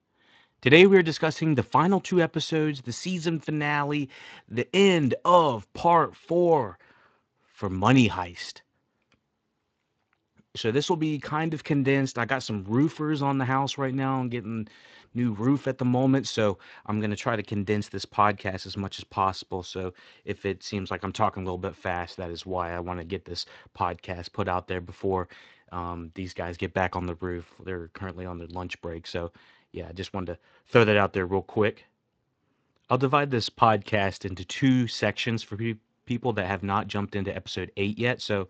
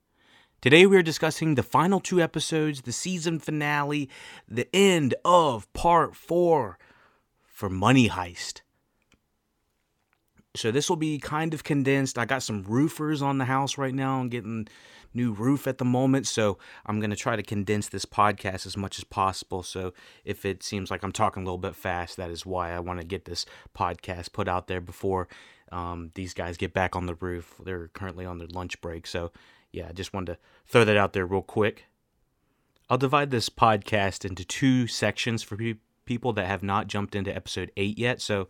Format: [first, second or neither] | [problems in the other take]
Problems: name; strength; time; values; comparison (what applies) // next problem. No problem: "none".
second | garbled, watery; slightly; nothing above 7.5 kHz